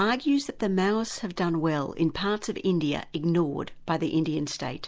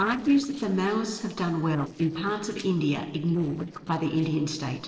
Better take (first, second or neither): first